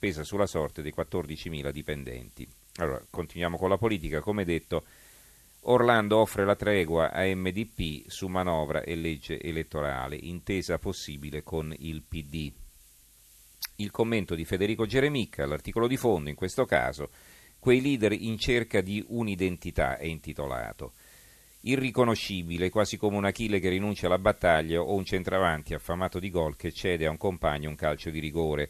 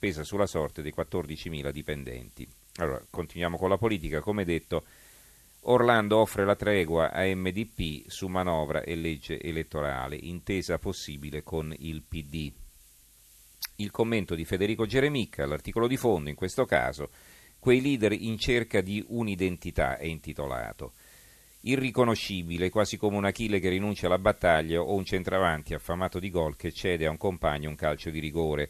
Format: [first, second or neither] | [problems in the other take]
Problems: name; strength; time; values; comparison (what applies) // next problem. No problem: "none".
neither | hiss; faint; throughout; 25 dB below the speech; the same in both